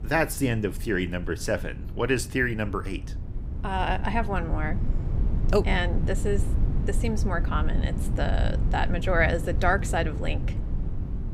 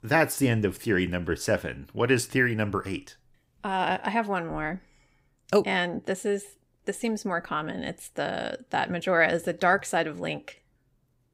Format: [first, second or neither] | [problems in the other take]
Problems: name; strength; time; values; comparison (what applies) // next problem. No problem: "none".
second | wind noise on the microphone; occasional gusts; 15 dB below the speech